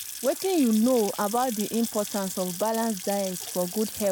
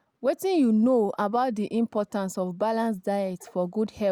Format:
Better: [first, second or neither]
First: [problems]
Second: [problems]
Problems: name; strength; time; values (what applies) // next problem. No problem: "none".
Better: second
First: background sound (Sink (filling or washing) / Water tap, faucet / Splash, splatter); 10 dB below the speech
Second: none